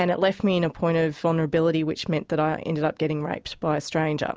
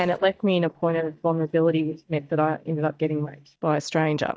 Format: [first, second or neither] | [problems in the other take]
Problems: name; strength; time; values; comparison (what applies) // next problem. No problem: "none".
first | noise reduction (neural mask model DeepFilterNet 3)